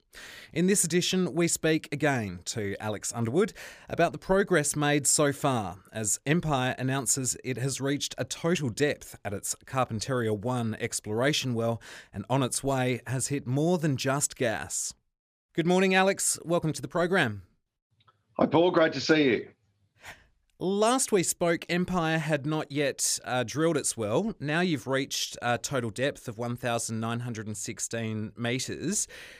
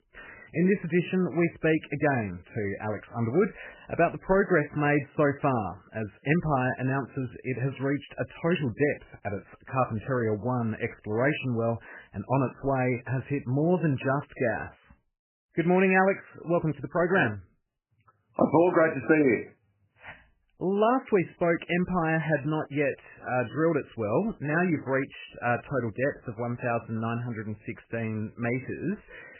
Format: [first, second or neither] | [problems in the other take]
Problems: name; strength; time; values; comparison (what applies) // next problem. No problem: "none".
first | garbled, watery; badly; nothing above 2.5 kHz